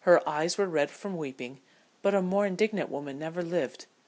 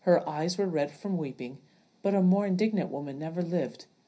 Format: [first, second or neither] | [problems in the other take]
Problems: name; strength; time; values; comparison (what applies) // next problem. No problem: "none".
first | room echo; dies away in 0.5 s